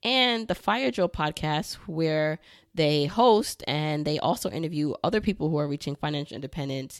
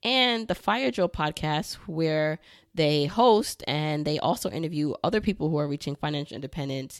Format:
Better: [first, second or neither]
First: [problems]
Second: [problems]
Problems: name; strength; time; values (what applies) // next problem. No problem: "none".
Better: neither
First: none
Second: none